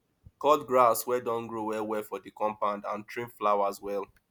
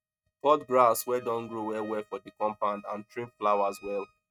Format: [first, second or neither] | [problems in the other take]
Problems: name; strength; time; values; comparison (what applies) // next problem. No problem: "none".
first | noise reduction (neural mask model RNNoise)